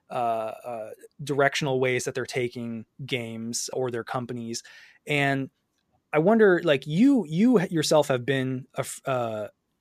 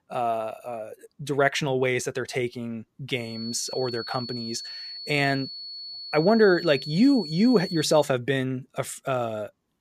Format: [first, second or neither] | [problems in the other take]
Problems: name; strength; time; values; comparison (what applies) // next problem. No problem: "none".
first | high-pitched whine; noticeable; from 3.5 to 8 s; 4.5 kHz, 10 dB below the speech